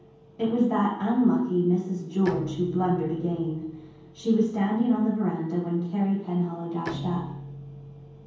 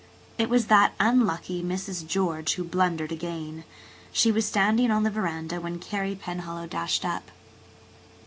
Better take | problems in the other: second | background sound (Bowed string instrument); 16 dB below the speech // room echo; dies away in 0.9 s

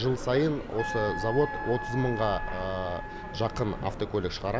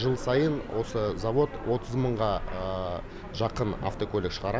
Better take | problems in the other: second | background sound (Wind instrument, woodwind instrument); 9 dB below the speech

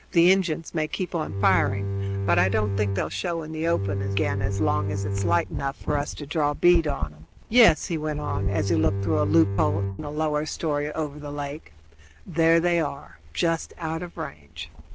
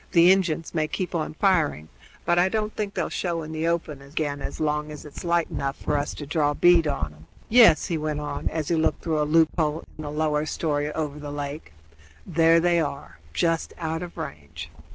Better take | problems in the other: second | background sound (Bowed string instrument); 2 dB below the speech

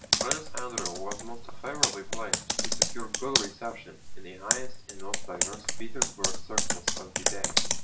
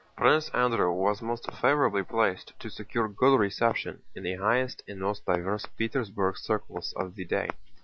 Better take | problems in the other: second | background sound (Computer keyboard); 2 dB above the speech // room echo; dies away in 0.4 s

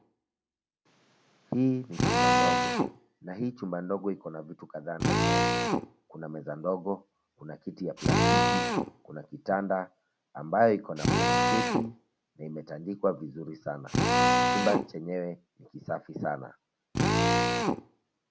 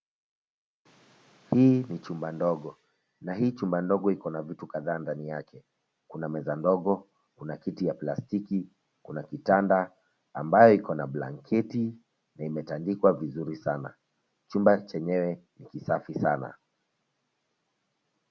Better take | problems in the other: second | background sound (Drill); 4 dB above the speech

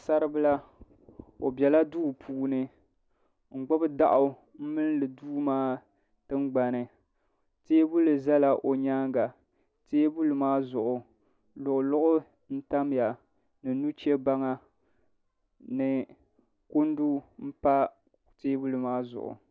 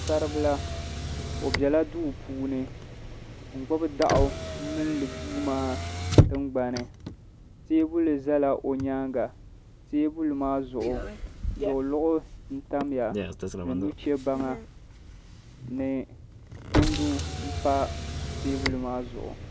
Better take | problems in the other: first | background sound (Motor vehicle (road)); 3 dB below the speech

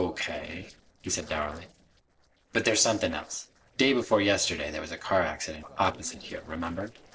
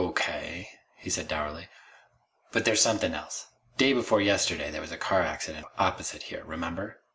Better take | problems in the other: second | noise reduction (neural separator model SepFormer DNS4)

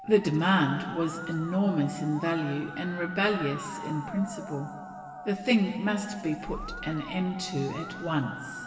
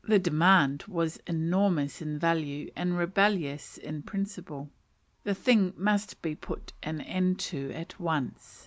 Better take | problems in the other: second | background sound (Musical instrument); 13 dB below the speech // room echo; dies away in 2.3 s

